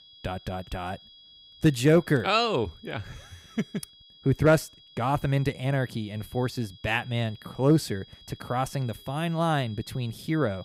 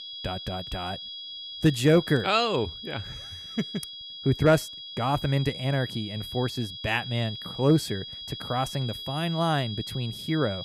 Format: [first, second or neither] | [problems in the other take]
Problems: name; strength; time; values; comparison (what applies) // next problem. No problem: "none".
first | high-pitched whine; loud; throughout; 3.5 kHz, 9 dB below the speech; faint in the first